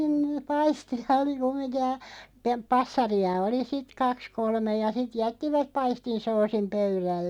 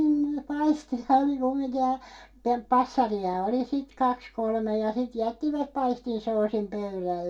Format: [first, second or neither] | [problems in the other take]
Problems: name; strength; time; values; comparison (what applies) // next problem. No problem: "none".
first | room echo; dies away in 0.2 s